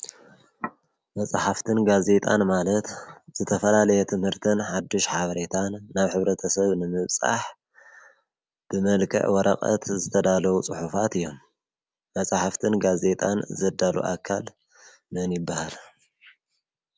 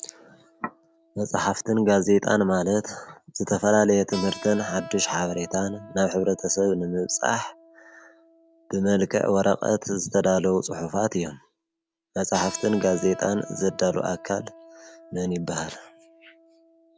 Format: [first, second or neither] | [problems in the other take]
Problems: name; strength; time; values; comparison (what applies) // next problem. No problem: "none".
first | background sound (Keyboard (musical)); 19 dB below the speech